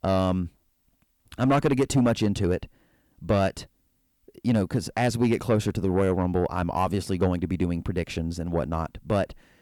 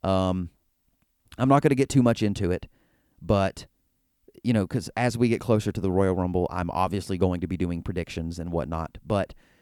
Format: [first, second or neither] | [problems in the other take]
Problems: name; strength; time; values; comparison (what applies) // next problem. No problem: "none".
second | distortion; slight; 10 dB below the speech